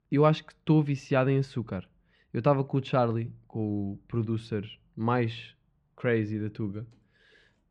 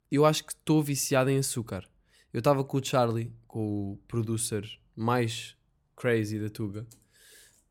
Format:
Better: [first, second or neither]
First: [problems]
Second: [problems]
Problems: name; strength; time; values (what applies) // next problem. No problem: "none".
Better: second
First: muffled; very; fading above 3 kHz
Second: none